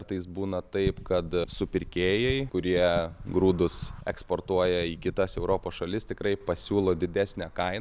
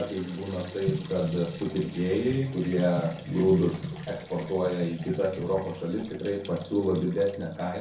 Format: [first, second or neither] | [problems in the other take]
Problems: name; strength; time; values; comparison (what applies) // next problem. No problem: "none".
first | background sound (Liquid); 19 dB below the speech // room echo; dies away in 0.5 s